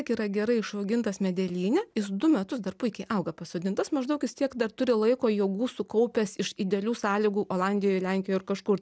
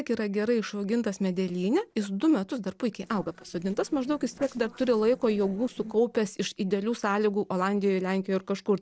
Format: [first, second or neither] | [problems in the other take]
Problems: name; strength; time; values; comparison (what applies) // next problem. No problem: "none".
first | noise reduction (neural separator model SepFormer DNS4)